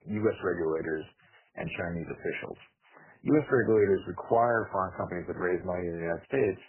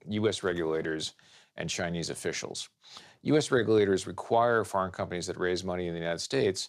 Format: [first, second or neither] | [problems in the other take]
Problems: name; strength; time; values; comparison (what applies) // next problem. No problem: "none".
second | garbled, watery; badly; nothing above 3 kHz